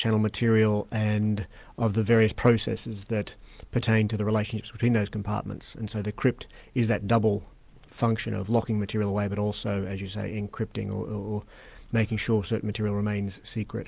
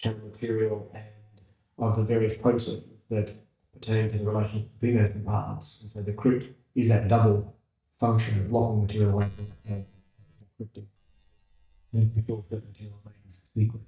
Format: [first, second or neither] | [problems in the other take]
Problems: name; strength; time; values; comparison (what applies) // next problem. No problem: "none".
first | noise reduction (neural mask model DeepFilterNet 3)